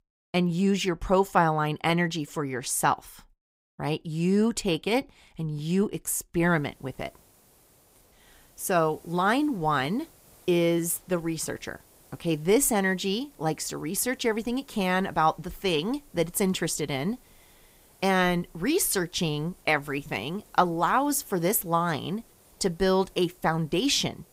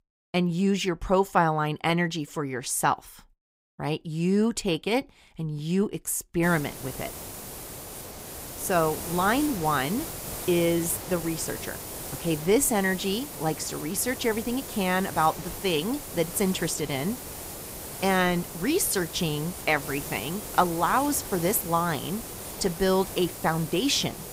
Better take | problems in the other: first | hiss; loud; from 6.5 s on; 9 dB below the speech; faint in the first

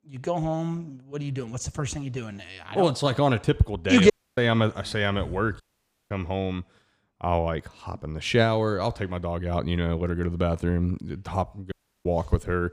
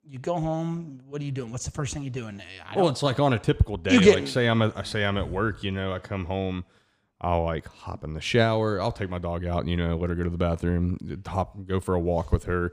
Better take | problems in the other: second | audio cutting out; at 4 s, at 5.5 s for 0.5 s and at 12 s

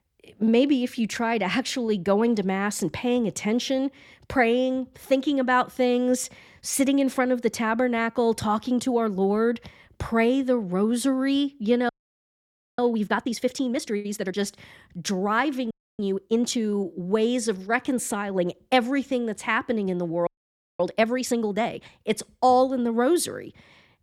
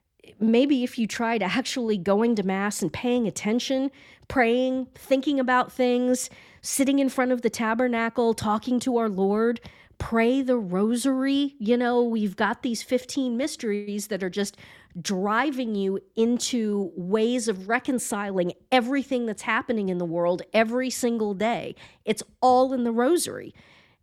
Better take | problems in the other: second | audio freezing; at 12 s for 1 s, at 16 s and at 20 s for 0.5 s

